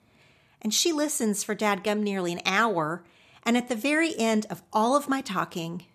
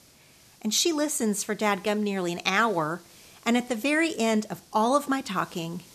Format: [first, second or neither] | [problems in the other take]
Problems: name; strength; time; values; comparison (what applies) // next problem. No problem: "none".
first | hiss; faint; throughout; 25 dB below the speech